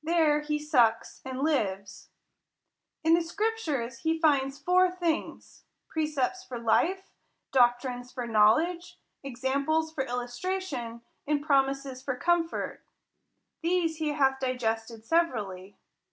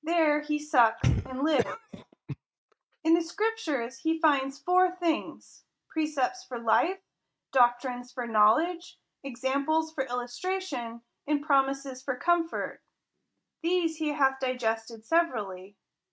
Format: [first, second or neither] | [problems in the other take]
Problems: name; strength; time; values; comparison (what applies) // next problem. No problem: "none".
first | noise reduction (neural mask model RNNoise)